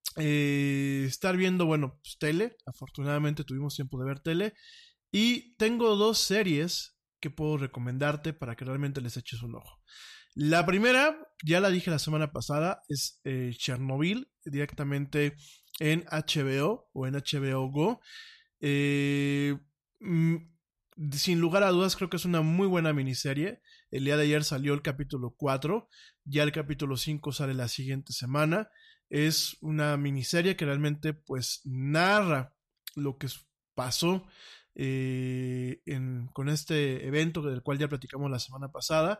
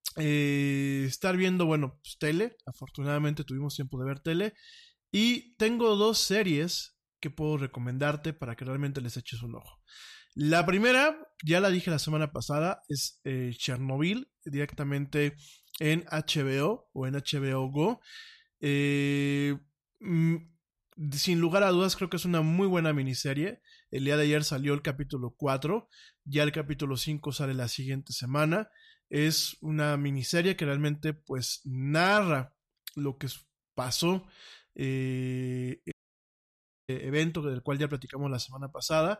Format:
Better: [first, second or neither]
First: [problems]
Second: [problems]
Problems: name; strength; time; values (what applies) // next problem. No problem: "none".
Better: first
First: none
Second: audio cutting out; at 36 s for 1 s